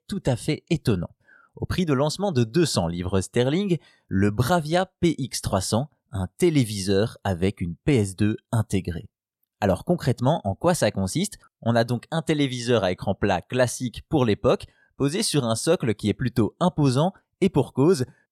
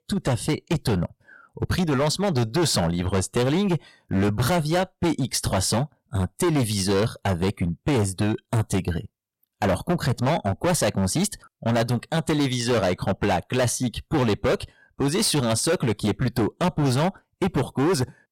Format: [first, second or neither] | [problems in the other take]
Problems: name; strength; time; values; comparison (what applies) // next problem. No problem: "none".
first | distortion; heavy; 18% of the sound clipped